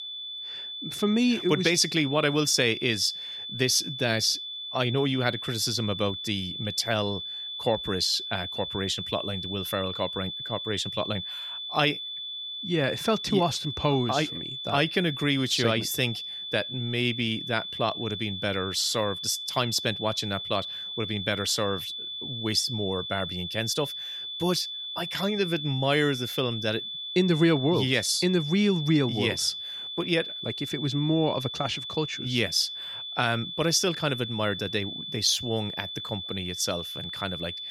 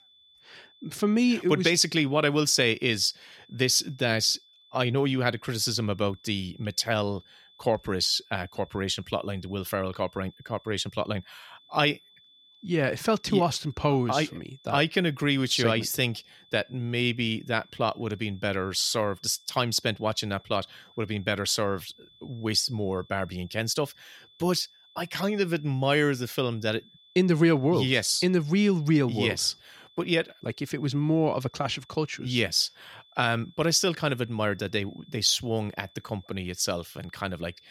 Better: second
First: high-pitched whine; loud; throughout; 3.5 kHz, 6 dB below the speech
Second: high-pitched whine; faint; throughout; 3.5 kHz, 30 dB below the speech

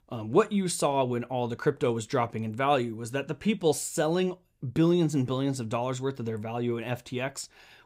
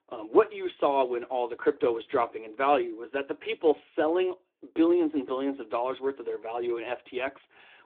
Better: first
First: none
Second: phone-call audio; nothing above 3.5 kHz

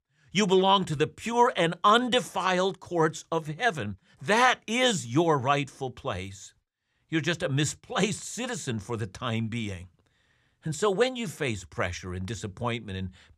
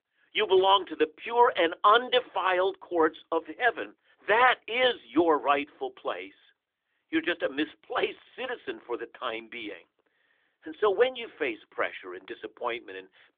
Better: first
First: none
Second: phone-call audio; nothing above 3.5 kHz

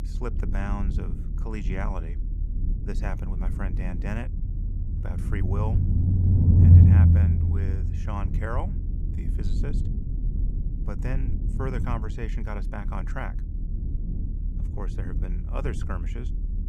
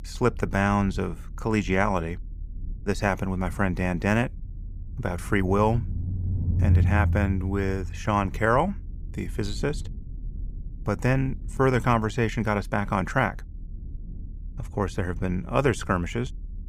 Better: second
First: low rumble; loud; throughout; as loud as the speech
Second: low rumble; faint; throughout; 20 dB below the speech

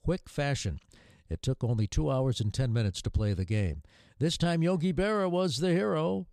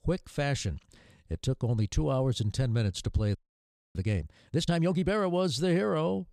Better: first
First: none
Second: audio freezing; at 3.5 s for 0.5 s

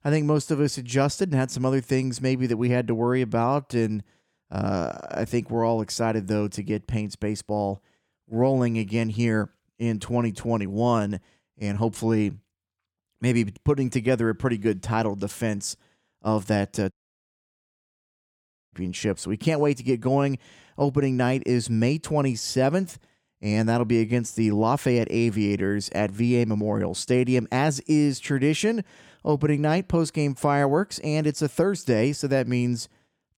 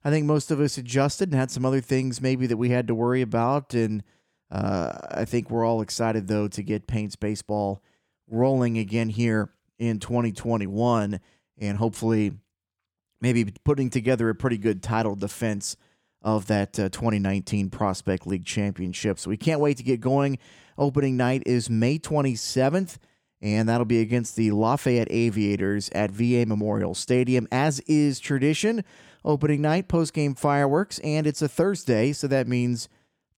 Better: second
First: audio cutting out; at 17 s for 2 s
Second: none

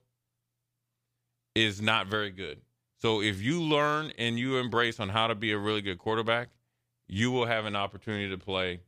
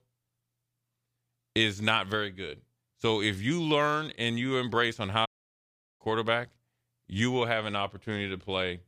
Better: first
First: none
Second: audio cutting out; at 5.5 s for 0.5 s

